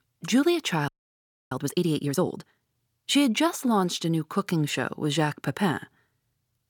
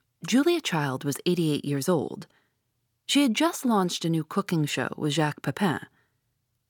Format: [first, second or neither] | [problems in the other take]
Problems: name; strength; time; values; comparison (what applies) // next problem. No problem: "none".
second | audio freezing; at 1 s for 0.5 s